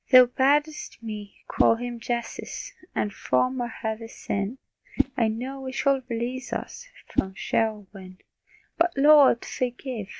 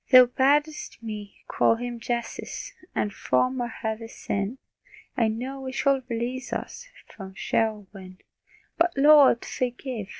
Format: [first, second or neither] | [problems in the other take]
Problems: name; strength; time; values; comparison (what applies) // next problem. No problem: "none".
second | background sound (Whoosh, swoosh, swish); 9 dB below the speech